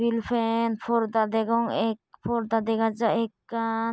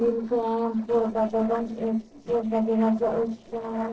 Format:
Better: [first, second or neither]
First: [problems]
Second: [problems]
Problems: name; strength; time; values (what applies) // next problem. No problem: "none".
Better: first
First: none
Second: noise reduction (neural separator model SepFormer DNS4)